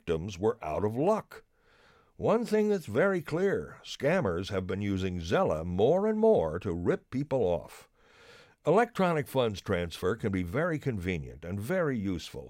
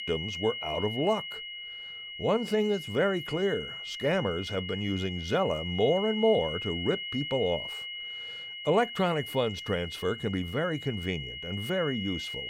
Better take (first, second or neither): first